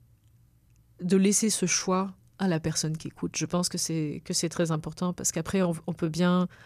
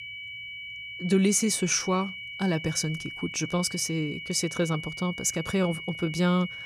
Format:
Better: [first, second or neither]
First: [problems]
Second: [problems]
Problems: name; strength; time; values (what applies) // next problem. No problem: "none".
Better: first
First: none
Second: high-pitched whine; loud; throughout; 2.5 kHz, 9 dB below the speech